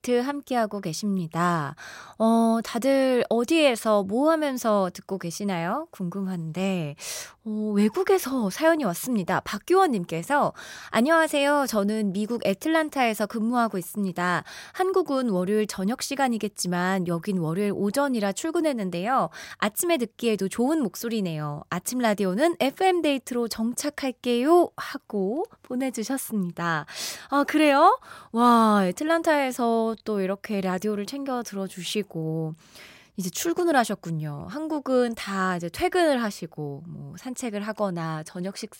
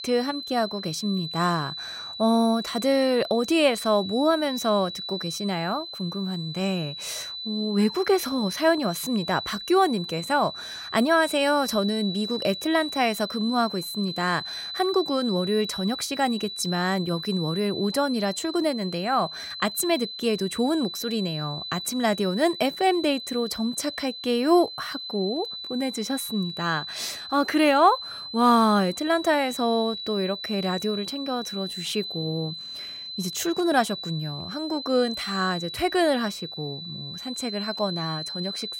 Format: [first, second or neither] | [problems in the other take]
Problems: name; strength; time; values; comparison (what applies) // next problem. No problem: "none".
first | high-pitched whine; loud; throughout; 4 kHz, 8 dB below the speech